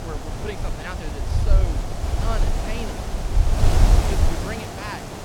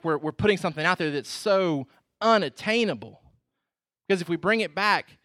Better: second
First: wind noise on the microphone; heavy; 3 dB above the speech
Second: none

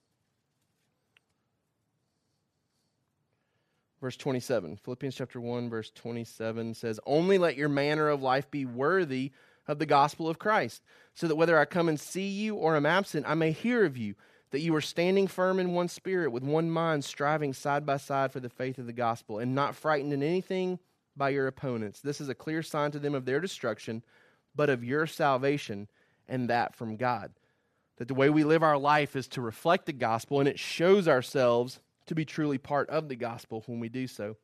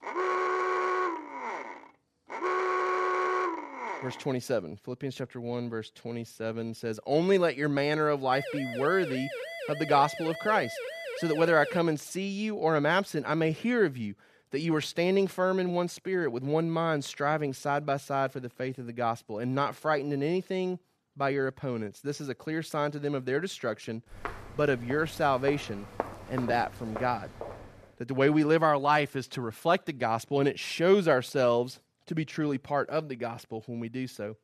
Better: first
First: none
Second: alarm; loud; until 4 s; peak 1 dB above the speech // siren; noticeable; from 8.5 to 12 s; peak 8 dB below the speech // footsteps; noticeable; from 24 to 28 s; peak 8 dB below the speech

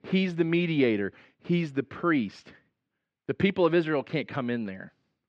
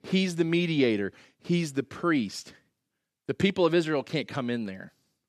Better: second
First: muffled; slightly; fading above 2.5 kHz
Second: none

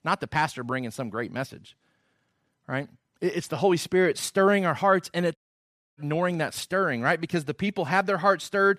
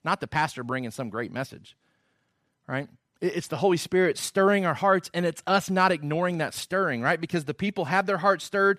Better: second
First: audio cutting out; at 5.5 s for 0.5 s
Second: none

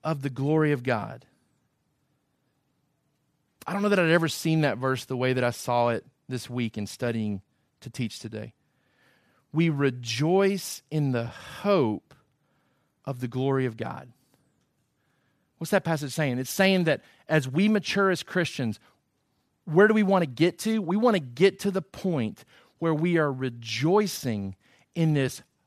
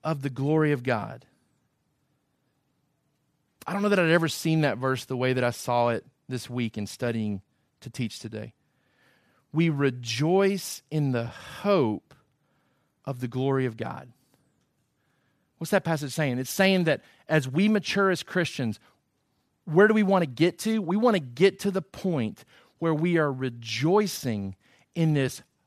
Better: neither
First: none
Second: none

